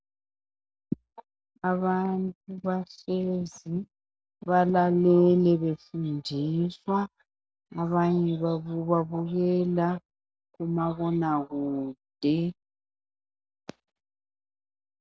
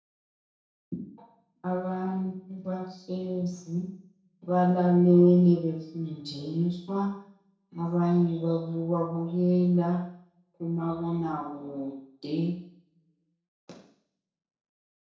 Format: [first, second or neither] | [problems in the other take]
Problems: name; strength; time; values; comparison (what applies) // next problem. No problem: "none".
first | room echo; dies away in 0.6 s